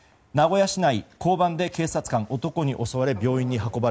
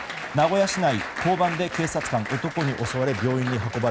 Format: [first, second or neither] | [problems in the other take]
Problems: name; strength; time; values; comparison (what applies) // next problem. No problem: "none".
first | background sound (Applause); 9 dB below the speech